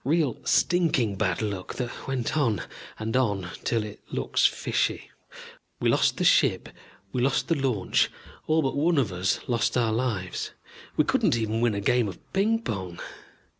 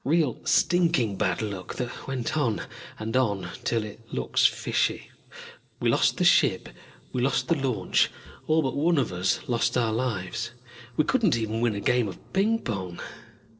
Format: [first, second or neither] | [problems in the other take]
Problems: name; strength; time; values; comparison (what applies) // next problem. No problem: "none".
first | noise reduction (neural separator model SepFormer DNS4)